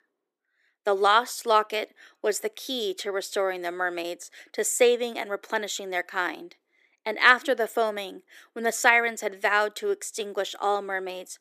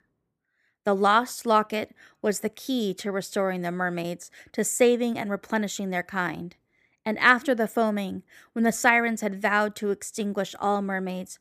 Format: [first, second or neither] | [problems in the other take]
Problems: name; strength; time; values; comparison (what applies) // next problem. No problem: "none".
second | thin; somewhat; fading below 350 Hz